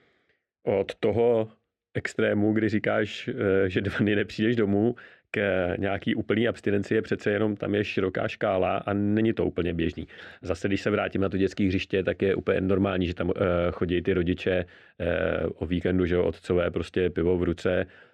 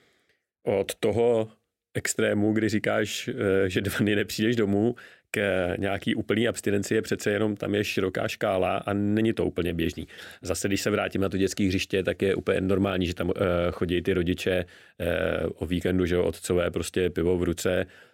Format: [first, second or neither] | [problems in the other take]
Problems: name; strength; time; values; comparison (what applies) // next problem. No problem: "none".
second | muffled; slightly; fading above 3 kHz